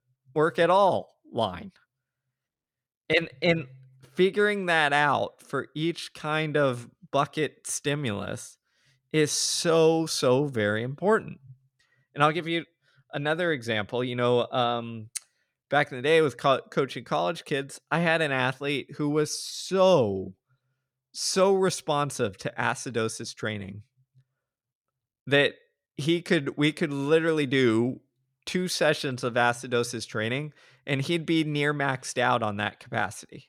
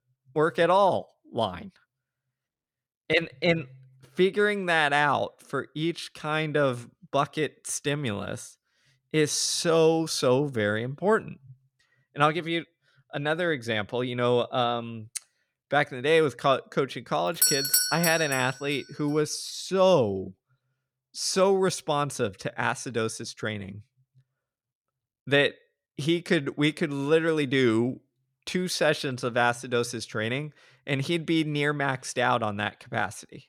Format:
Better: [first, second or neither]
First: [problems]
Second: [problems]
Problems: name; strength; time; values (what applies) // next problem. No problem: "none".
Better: first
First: none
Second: doorbell; loud; at 17 s; peak 6 dB above the speech